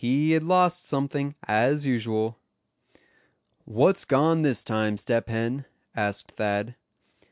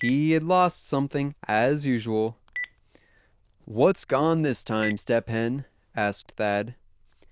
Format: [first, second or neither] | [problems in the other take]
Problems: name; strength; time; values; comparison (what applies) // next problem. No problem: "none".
first | noise reduction (neural diffusion model UNIVERSE++)